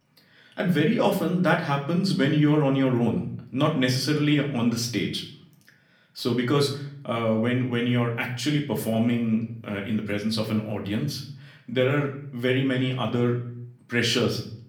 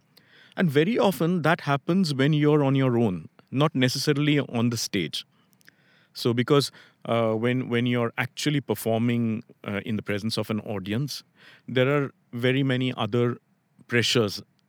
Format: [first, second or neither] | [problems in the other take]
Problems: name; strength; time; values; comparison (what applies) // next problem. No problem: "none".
second | room echo; slight; dies away in 0.5 s // off-mic speech; far